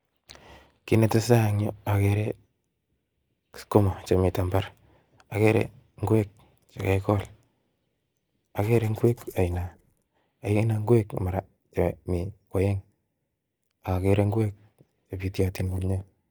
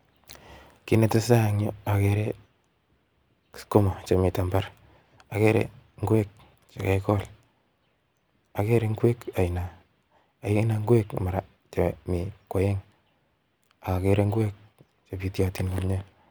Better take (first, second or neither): second